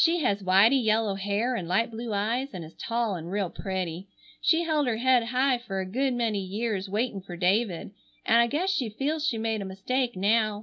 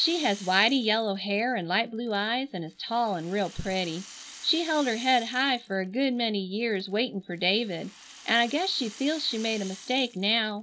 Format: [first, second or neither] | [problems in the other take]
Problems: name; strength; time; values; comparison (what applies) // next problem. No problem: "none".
first | background sound (Rattle); 20 dB below the speech